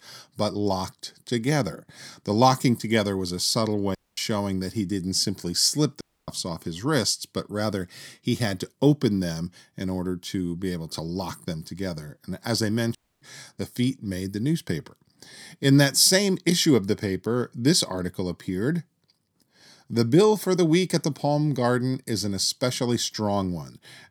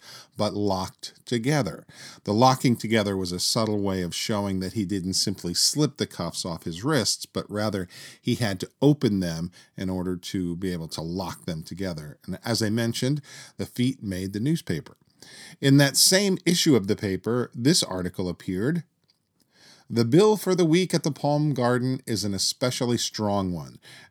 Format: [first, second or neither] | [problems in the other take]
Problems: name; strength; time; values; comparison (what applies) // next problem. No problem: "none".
second | audio cutting out; at 4 s, at 6 s and at 13 s